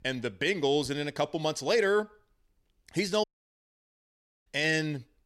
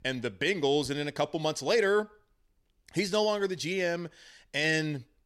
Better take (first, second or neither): second